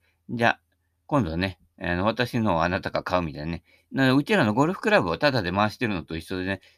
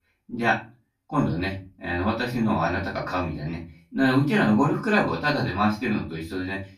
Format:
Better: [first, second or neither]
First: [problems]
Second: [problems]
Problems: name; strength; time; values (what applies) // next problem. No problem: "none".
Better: first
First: none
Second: off-mic speech; far // room echo; slight; dies away in 0.3 s